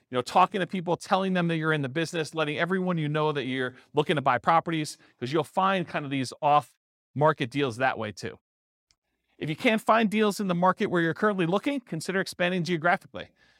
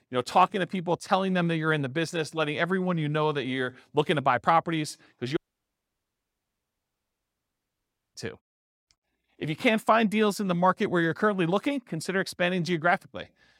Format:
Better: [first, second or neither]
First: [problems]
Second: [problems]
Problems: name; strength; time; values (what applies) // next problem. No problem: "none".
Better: first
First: none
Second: audio cutting out; at 5.5 s for 3 s